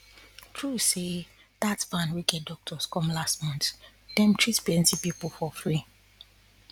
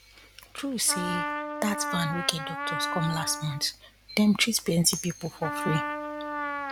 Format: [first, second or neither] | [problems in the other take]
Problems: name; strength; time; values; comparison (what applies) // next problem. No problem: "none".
first | background sound (Trumpet); 5 dB below the speech